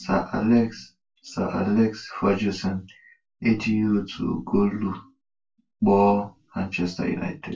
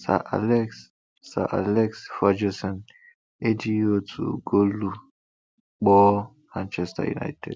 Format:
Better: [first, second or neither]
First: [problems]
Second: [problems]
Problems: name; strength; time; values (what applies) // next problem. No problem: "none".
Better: second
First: room echo; dies away in 0.2 s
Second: none